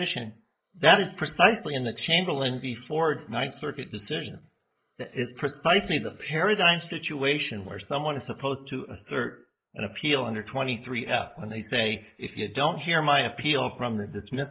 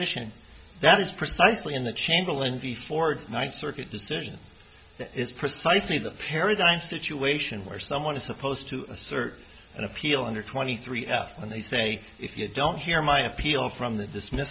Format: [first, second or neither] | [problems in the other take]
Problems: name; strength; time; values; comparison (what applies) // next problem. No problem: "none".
second | noise reduction (neural mask model Resemble Enhance denoiser)